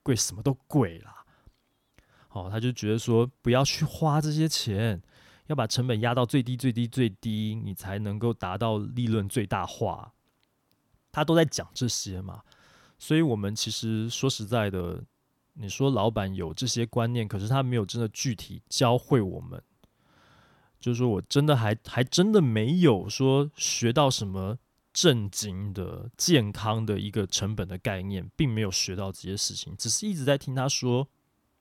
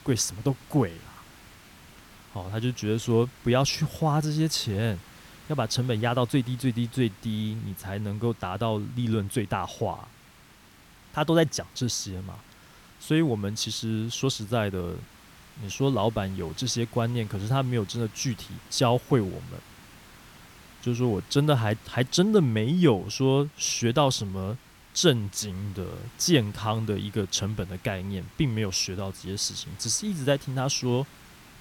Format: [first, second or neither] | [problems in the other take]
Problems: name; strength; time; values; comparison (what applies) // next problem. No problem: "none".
first | hiss; faint; throughout; 25 dB below the speech